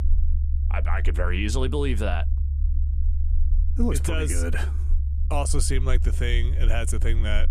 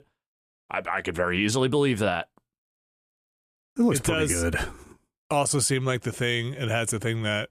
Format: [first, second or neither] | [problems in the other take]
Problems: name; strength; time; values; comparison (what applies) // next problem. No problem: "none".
second | low rumble; noticeable; throughout; 15 dB below the speech